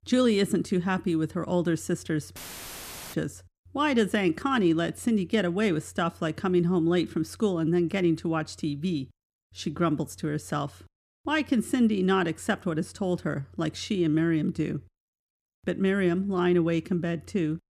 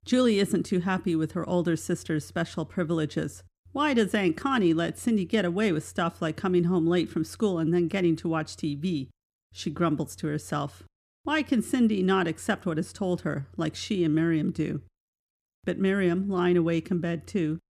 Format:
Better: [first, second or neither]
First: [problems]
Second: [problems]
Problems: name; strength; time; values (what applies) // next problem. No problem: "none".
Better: second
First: audio cutting out; filled with static; at 2.5 s for 1 s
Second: none